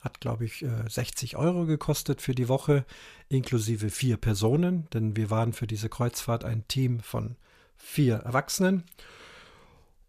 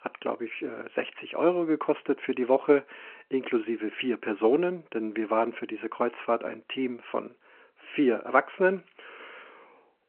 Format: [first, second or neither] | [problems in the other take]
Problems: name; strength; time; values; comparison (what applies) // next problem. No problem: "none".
first | phone-call audio